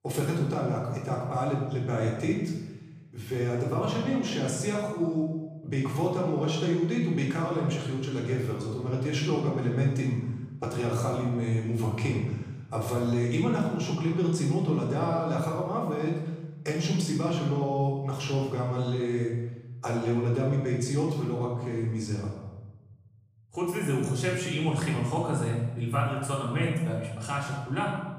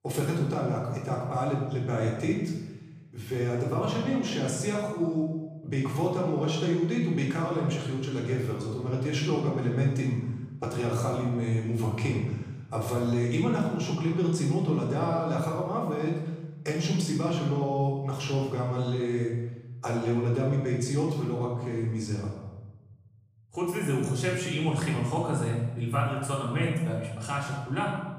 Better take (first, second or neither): neither